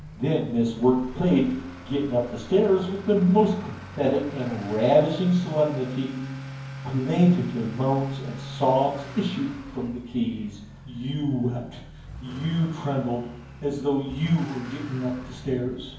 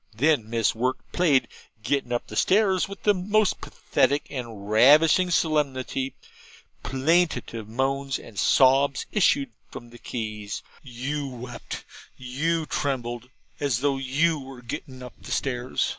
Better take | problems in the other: second | background sound (Accelerating, revving, vroom / Motor vehicle (road)); 14 dB below the speech // room echo; dies away in 0.9 s

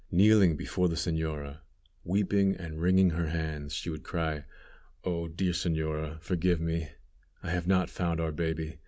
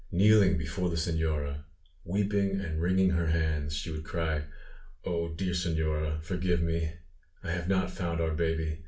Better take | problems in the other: first | room echo; dies away in 0.3 s

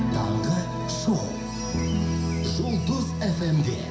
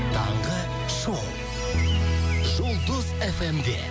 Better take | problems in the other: second | room echo; dies away in 0.7 s

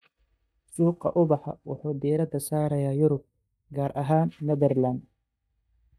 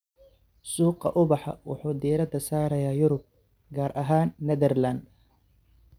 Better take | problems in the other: second | noise reduction (neural mask model DeepFilterNet 3)

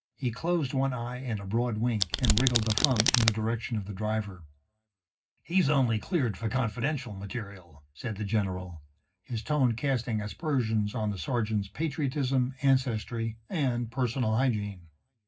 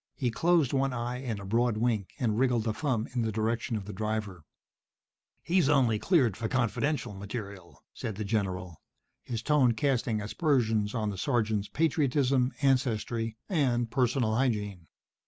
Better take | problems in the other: second | background sound (Domestic sounds, home sounds); 1 dB above the speech // room echo; dies away in 0.4 s

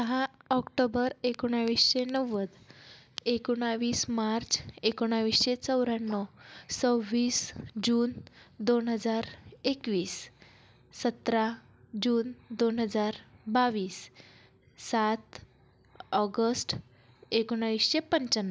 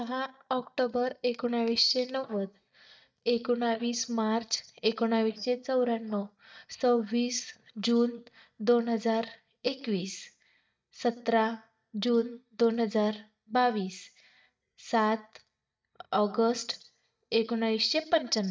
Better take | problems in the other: first | noise reduction (neural mask model DeepFilterNet 3)

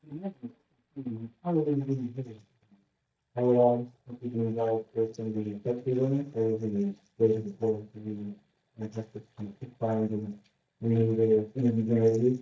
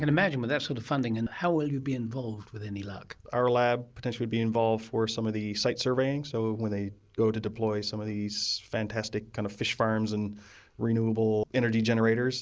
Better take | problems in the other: second | noise reduction (neural mask model DeepFilterNet 3)

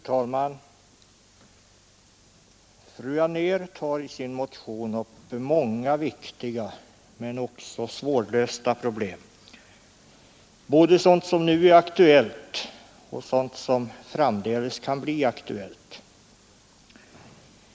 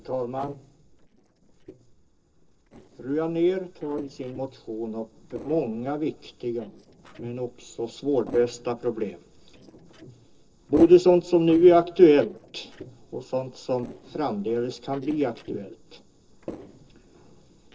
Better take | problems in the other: first | noise reduction (neural separator model SepFormer DNS4)

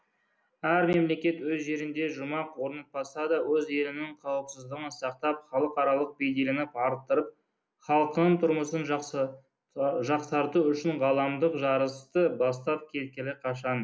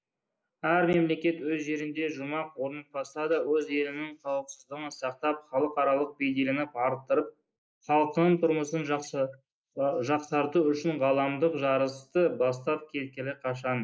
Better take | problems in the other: first | noise reduction (neural mask model Resemble Enhance denoiser)

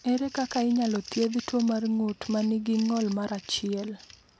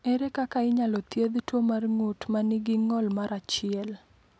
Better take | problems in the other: second | background sound (Crumpling, crinkling); 18 dB below the speech

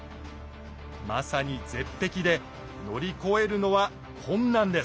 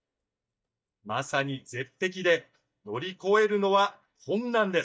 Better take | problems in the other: first | noise reduction (neural mask model DeepFilterNet 3)

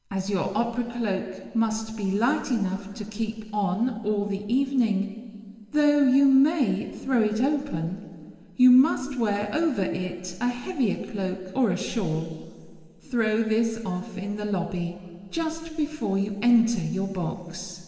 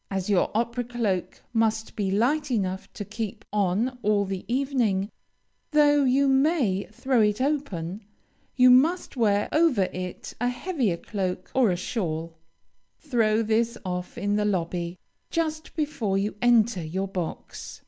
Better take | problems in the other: second | room echo; dies away in 2.9 s

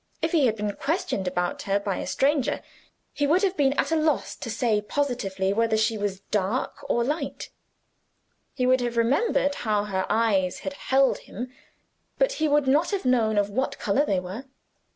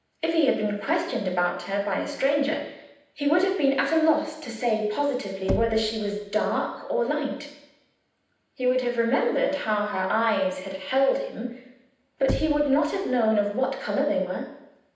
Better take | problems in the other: first | background sound (Knock / Wood); 11 dB below the speech // room echo; dies away in 0.9 s

